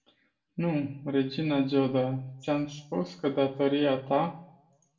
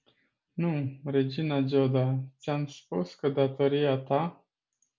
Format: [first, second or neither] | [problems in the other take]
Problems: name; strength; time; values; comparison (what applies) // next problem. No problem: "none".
second | room echo; dies away in 0.6 s